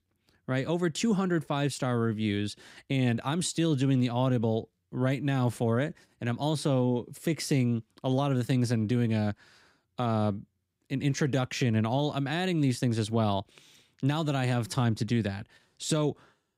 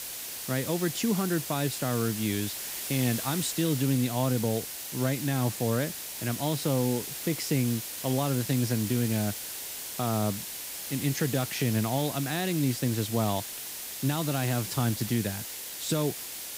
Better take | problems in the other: first | hiss; loud; throughout; 5 dB below the speech

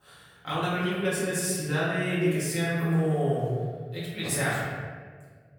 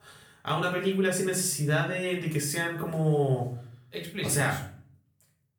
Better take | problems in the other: second | room echo; strong; dies away in 1.5 s; slight in the second // off-mic speech; far; far in the second

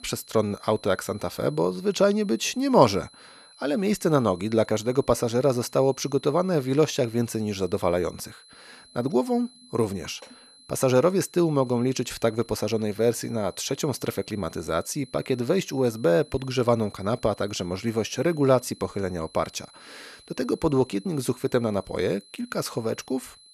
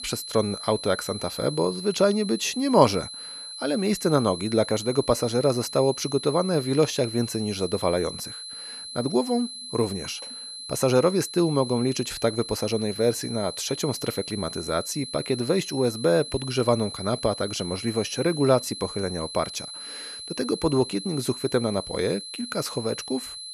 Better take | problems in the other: first | high-pitched whine; loud; throughout; 4 kHz, 10 dB below the speech; faint in the first

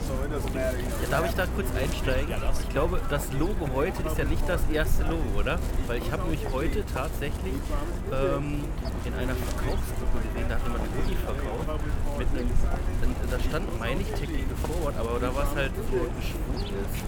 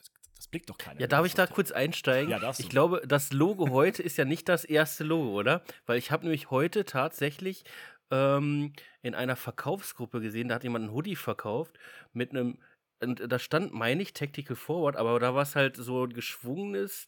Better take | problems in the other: second | animal sounds; very loud; throughout; 1 dB above the speech

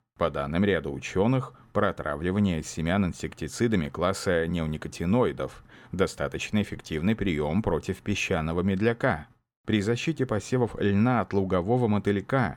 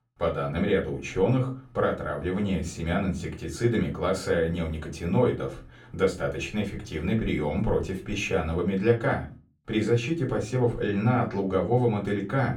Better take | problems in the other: first | off-mic speech; far // room echo; very slight; dies away in 0.3 s

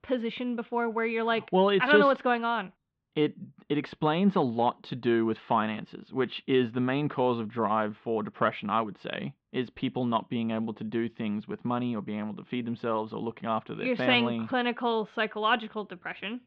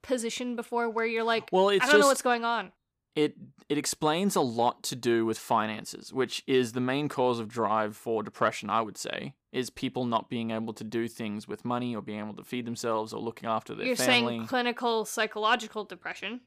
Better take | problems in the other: second | muffled; very; fading above 3.5 kHz

